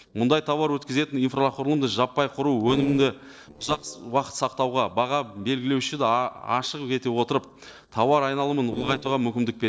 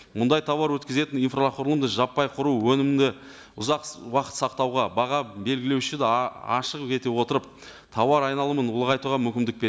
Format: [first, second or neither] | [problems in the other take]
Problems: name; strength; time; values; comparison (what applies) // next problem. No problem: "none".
second | noise reduction (neural separator model SepFormer DNS4)